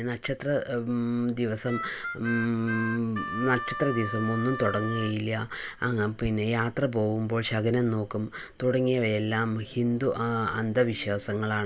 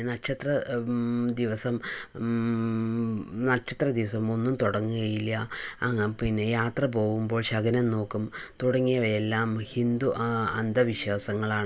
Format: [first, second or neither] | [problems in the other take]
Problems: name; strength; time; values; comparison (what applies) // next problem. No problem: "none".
second | background sound (Harmonica); 8 dB below the speech